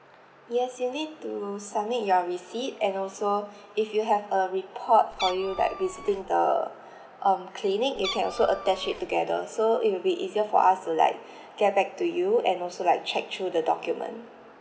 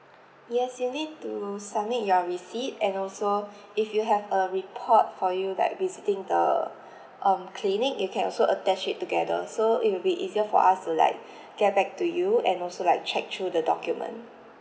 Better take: second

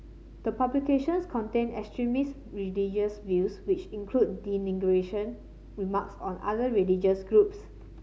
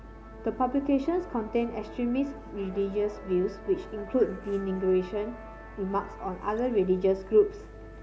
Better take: first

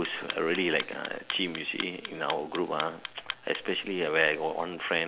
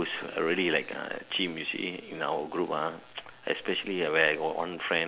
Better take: second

